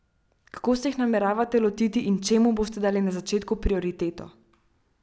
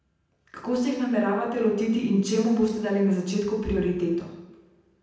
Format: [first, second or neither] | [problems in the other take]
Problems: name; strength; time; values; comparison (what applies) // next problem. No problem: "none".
first | room echo; dies away in 0.9 s